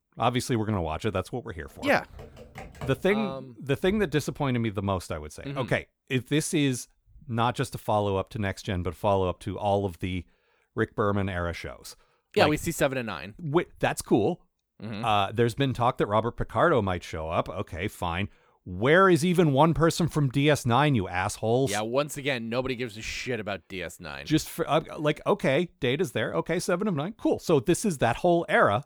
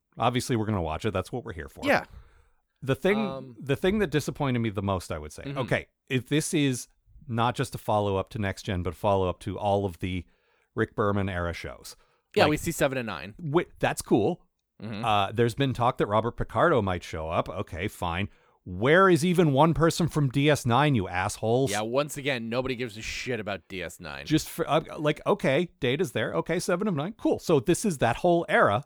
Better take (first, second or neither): second